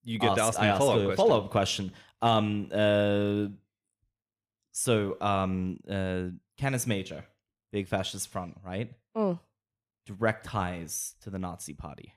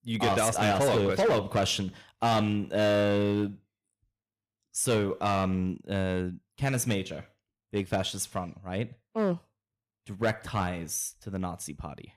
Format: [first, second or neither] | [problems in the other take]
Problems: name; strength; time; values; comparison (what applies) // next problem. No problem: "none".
first | distortion; slight; 6% of the sound clipped